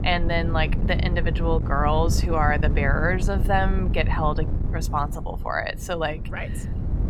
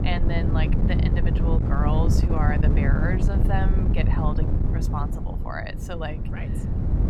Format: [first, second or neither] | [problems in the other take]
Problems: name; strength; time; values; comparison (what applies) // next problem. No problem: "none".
first | wind noise on the microphone; heavy; 2 dB below the speech; occasional gusts in the first